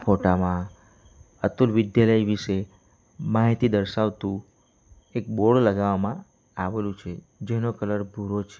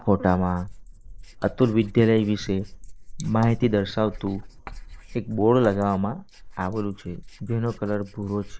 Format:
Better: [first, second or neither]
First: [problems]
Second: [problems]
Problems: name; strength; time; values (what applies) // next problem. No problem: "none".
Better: first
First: none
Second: noise reduction (neural mask model Resemble Enhance denoiser)